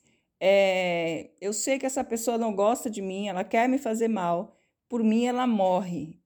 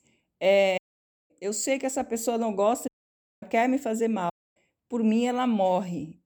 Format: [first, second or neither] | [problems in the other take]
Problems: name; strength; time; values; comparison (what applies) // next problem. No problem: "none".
first | audio cutting out; at 1 s for 0.5 s, at 3 s for 0.5 s and at 4.5 s